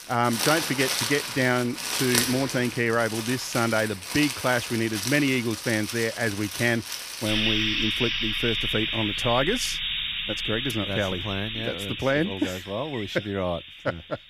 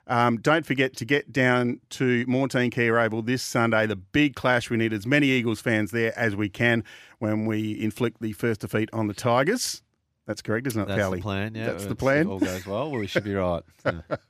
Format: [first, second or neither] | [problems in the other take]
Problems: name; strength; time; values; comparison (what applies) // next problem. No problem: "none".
second | household noises; loud; throughout; 1 dB below the speech